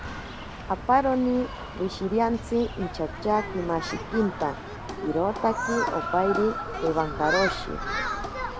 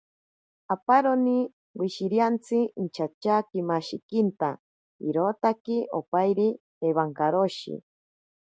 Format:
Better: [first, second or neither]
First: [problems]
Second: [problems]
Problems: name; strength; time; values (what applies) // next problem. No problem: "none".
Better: second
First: background sound (Human group actions); 5 dB below the speech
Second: none